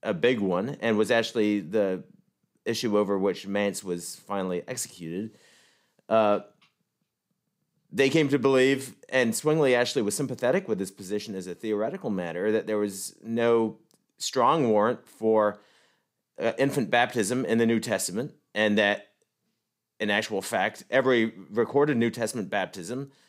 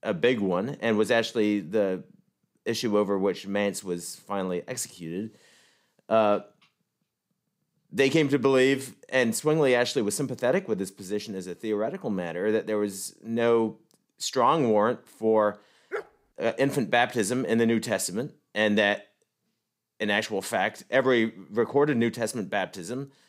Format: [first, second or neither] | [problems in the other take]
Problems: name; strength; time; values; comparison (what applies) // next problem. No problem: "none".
first | dog barking; faint; at 16 s; peak 10 dB below the speech